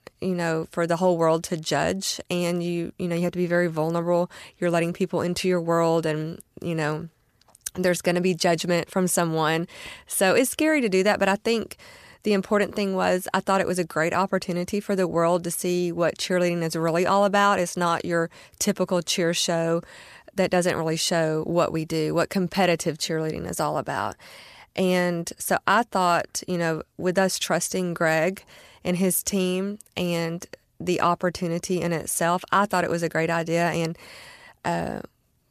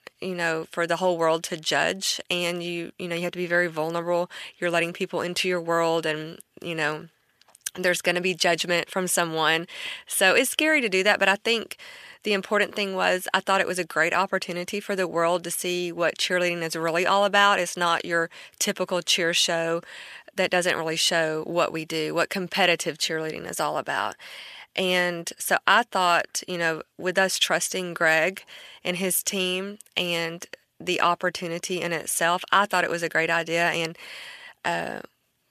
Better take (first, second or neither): first